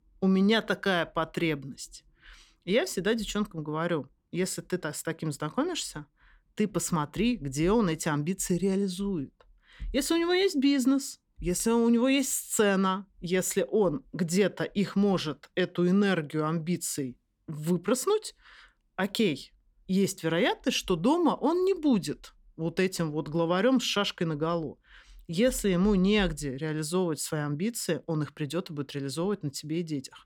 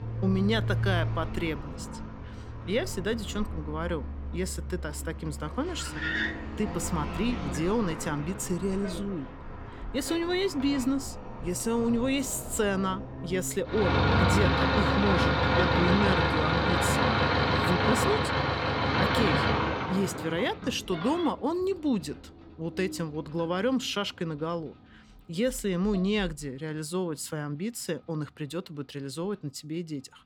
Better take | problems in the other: first | traffic noise; very loud; throughout; 1 dB above the speech

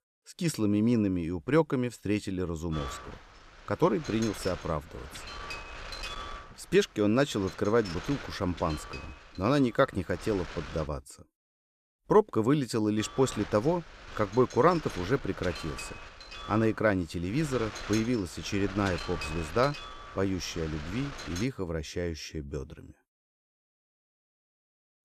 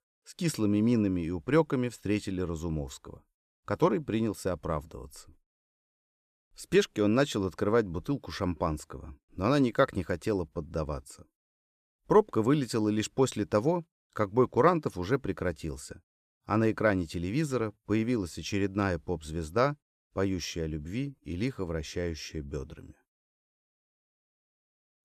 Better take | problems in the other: second | wind noise on the microphone; occasional gusts; from 2.5 to 11 s and from 13 to 21 s; 10 dB below the speech

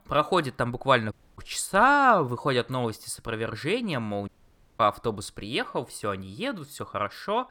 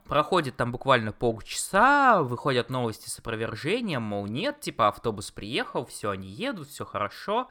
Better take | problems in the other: second | audio cutting out; at 1 s and at 4.5 s for 0.5 s

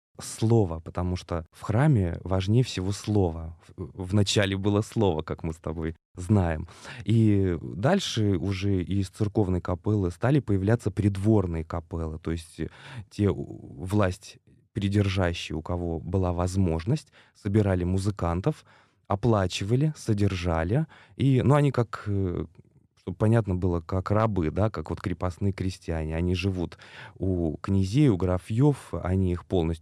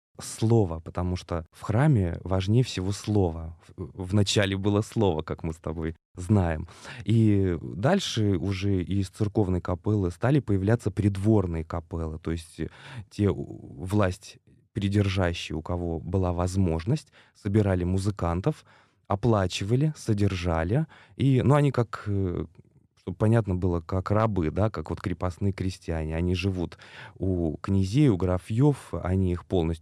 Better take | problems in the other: neither | none

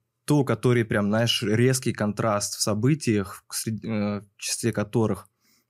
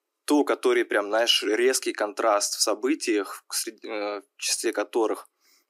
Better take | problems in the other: first | thin; somewhat; fading below 300 Hz

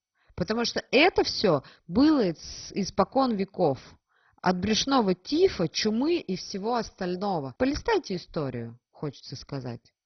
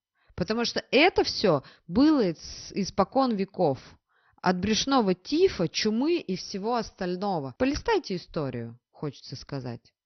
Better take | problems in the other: second | garbled, watery; badly; nothing above 6 kHz; slightly in the second

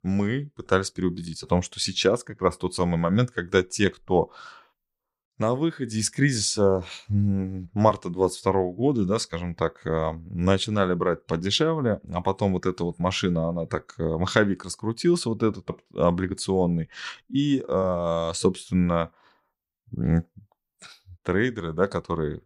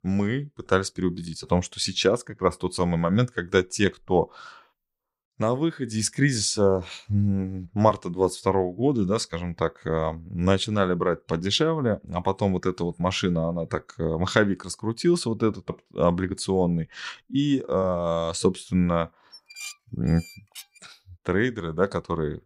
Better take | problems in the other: first | clattering dishes; faint; from 19 to 21 s; peak 10 dB below the speech

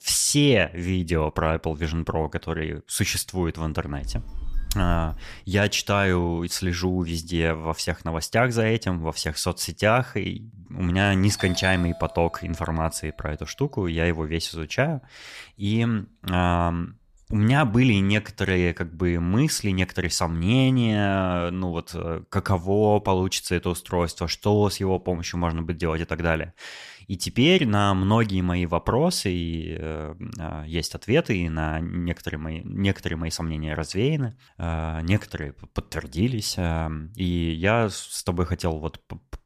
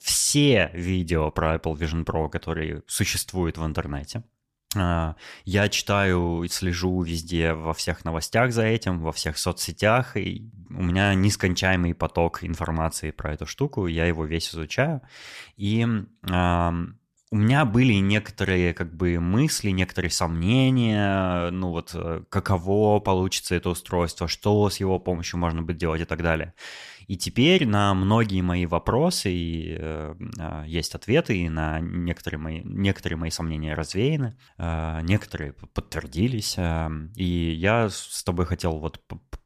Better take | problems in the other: second | phone ringing; noticeable; from 4 to 5.5 s; peak 9 dB below the speech // doorbell; noticeable; from 11 to 17 s; peak 9 dB below the speech

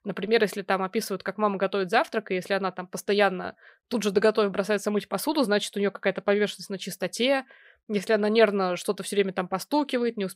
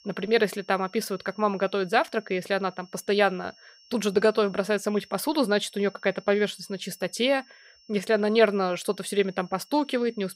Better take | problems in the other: first | high-pitched whine; faint; throughout; 5.5 kHz, 25 dB below the speech

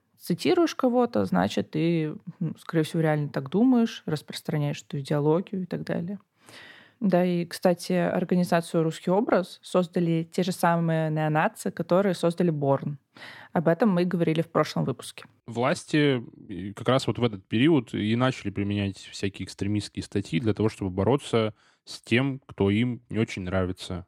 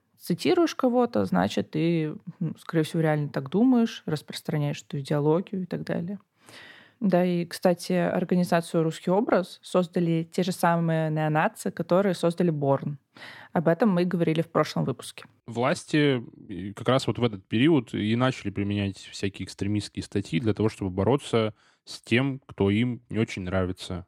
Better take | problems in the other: neither | none

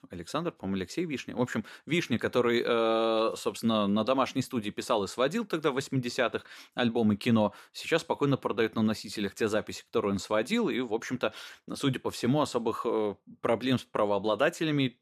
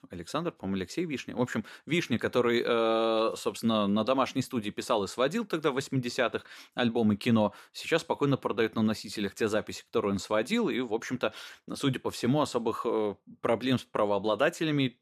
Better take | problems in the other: neither | none

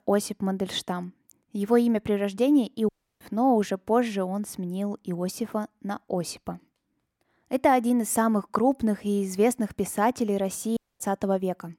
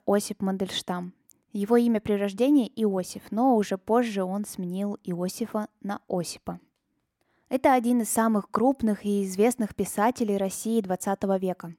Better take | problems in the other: second | audio cutting out; at 3 s and at 11 s

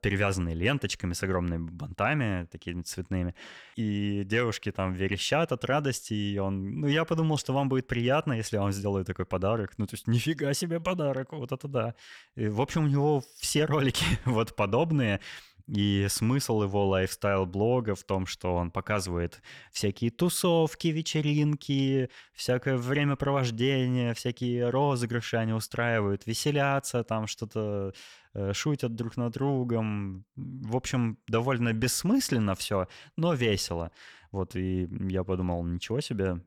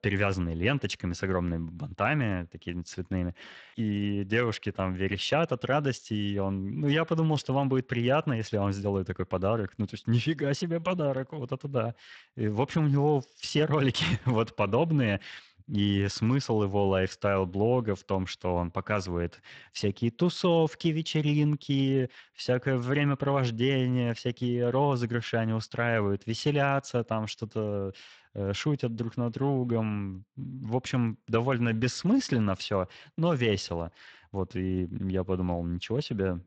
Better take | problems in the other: first | garbled, watery; slightly; nothing above 8 kHz

